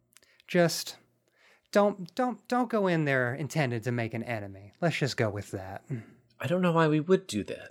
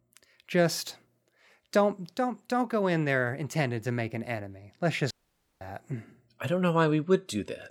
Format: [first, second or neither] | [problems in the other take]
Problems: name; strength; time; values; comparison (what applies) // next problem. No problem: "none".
first | audio cutting out; at 5 s for 0.5 s